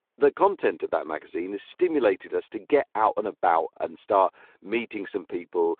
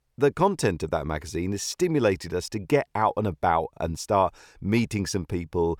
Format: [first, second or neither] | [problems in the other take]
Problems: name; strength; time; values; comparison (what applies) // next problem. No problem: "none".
second | phone-call audio; nothing above 3.5 kHz